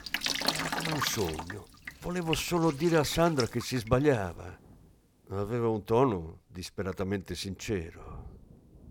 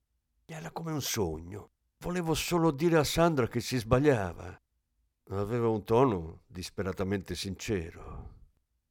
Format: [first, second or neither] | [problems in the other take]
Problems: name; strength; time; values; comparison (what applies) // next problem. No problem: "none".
second | rain or running water; loud; throughout; 5 dB below the speech